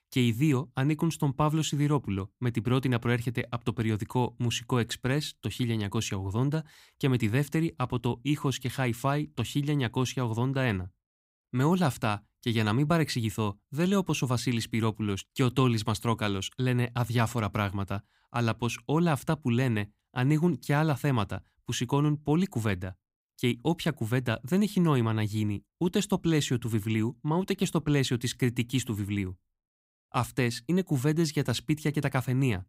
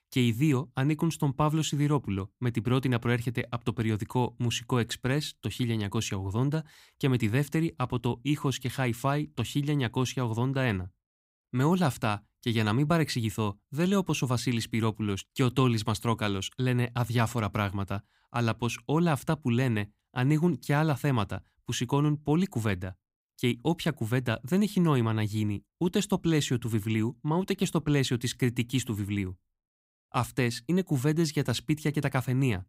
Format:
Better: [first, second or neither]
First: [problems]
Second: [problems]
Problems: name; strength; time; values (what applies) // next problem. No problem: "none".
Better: neither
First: none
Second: none